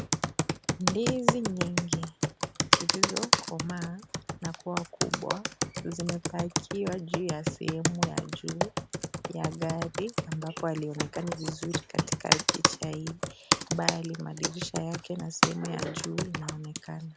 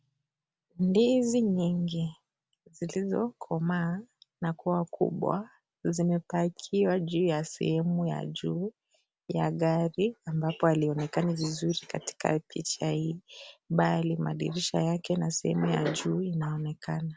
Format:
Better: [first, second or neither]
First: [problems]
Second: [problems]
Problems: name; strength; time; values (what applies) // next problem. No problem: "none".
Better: second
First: background sound (Computer keyboard); 4 dB above the speech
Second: none